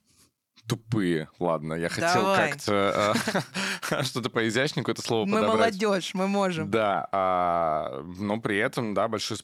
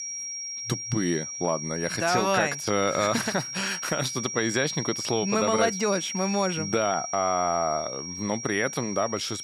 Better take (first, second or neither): first